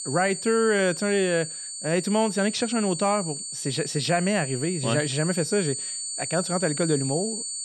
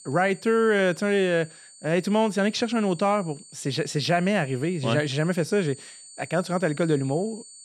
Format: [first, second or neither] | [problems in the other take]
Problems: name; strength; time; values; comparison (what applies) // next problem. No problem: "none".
second | high-pitched whine; loud; throughout; 8.5 kHz, 5 dB below the speech; faint in the second